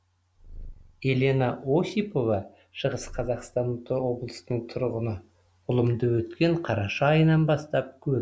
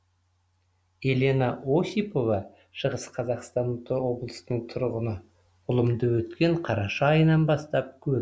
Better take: second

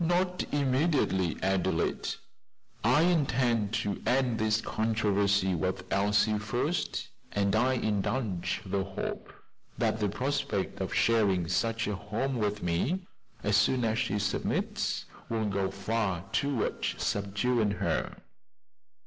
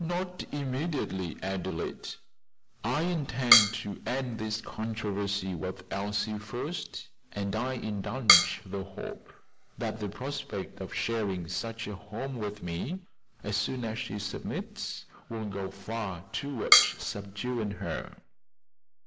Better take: first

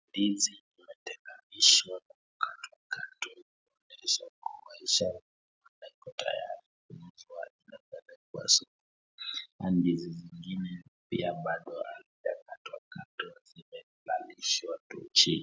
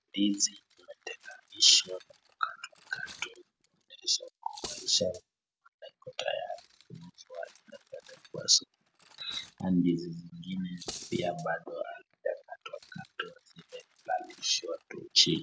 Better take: first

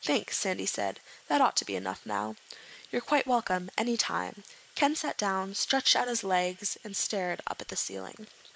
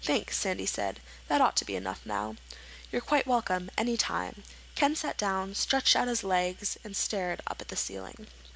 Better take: second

